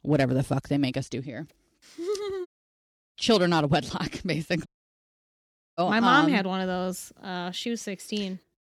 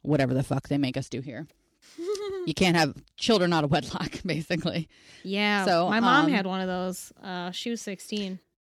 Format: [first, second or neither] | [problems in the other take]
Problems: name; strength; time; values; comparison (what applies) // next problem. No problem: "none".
second | audio cutting out; at 2.5 s for 0.5 s and at 4.5 s for 1 s